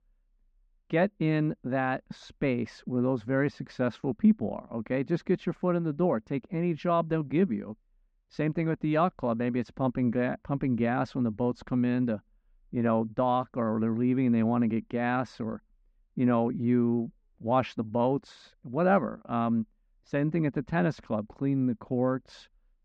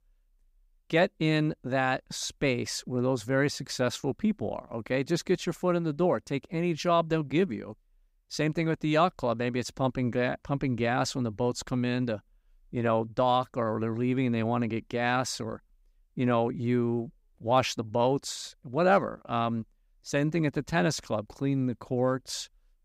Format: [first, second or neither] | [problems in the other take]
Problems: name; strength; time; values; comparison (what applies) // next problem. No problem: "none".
second | muffled; very; fading above 2 kHz